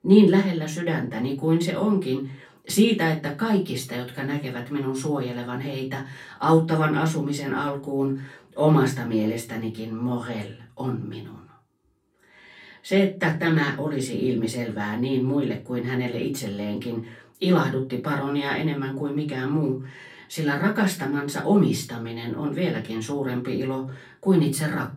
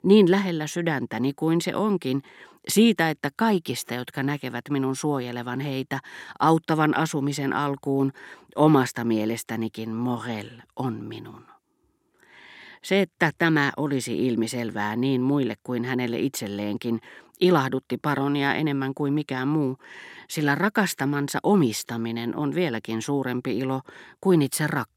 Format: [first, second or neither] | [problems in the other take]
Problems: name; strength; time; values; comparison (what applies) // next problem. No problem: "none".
second | off-mic speech; far // room echo; very slight; dies away in 0.3 s